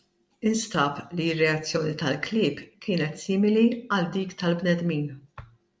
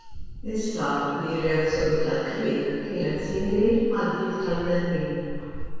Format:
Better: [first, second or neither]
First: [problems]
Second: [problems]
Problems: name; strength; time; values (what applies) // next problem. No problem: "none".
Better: first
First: none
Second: background sound (Meow); 8 dB below the speech // room echo; dies away in 2.2 s